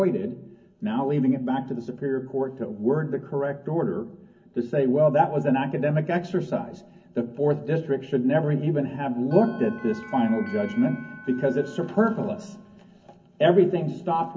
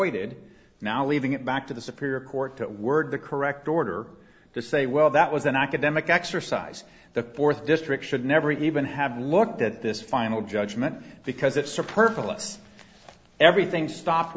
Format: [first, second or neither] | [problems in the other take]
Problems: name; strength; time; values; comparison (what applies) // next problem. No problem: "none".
second | background sound (Bell); 19 dB below the speech // room echo; dies away in 0.3 s